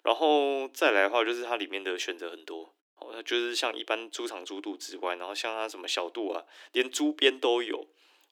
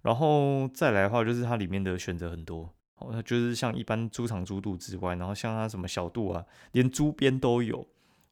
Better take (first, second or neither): second